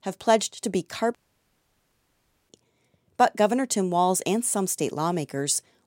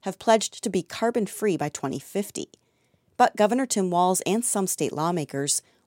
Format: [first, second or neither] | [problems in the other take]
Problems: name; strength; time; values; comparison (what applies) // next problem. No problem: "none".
second | audio cutting out; at 1 s for 1.5 s